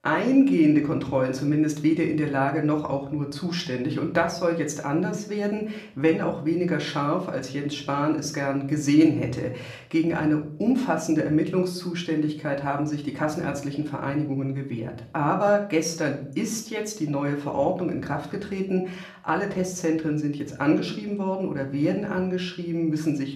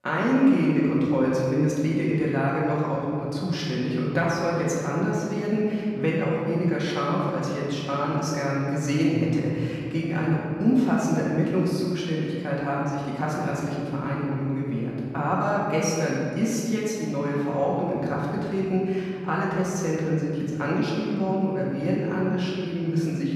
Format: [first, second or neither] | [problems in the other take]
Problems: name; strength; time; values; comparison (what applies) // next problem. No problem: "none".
first | room echo; strong; dies away in 2.3 s; slight in the first // off-mic speech; far; somewhat distant in the first